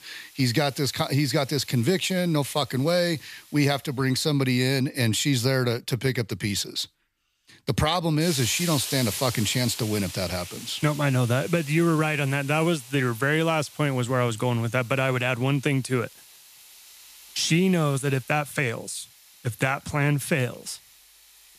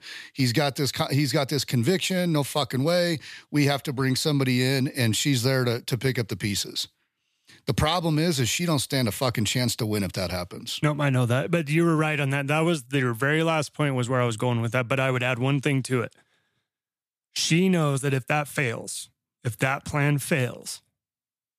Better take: second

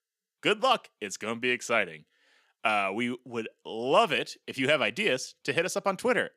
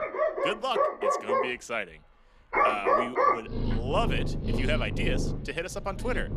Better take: first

